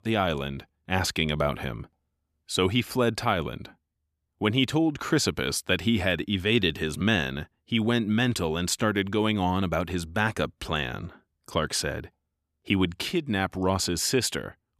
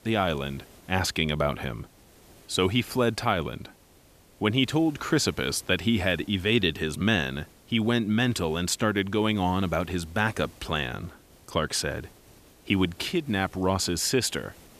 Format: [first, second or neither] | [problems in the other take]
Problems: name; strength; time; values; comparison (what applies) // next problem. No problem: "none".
first | hiss; faint; throughout; 25 dB below the speech